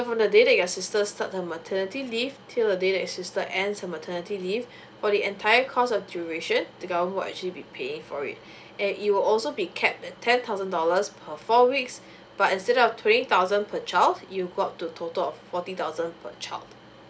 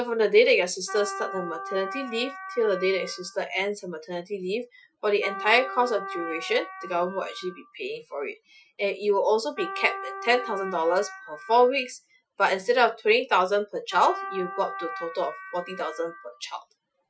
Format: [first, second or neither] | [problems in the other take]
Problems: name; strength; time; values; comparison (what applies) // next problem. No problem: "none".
first | noise reduction (classical method Wiener filter)